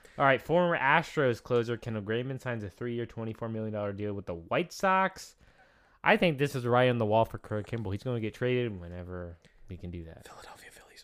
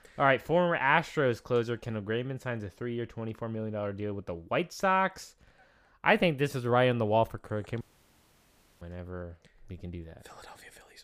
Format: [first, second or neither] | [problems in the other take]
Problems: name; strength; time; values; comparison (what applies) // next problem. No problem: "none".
first | audio cutting out; at 8 s for 1 s